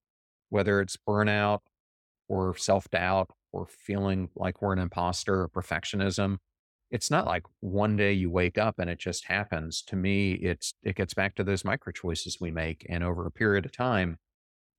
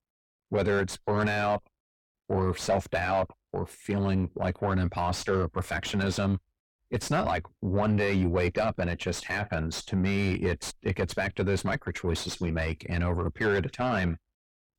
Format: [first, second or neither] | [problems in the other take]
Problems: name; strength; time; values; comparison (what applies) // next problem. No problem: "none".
first | distortion; heavy; 5 dB below the speech